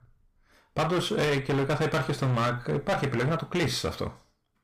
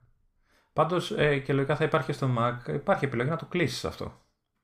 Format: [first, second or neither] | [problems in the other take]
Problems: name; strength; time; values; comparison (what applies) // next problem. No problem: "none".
second | distortion; heavy; 16% of the sound clipped